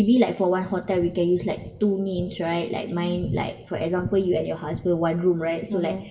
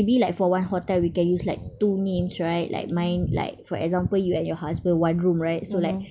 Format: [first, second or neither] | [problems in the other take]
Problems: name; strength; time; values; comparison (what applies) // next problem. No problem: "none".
second | room echo; dies away in 0.7 s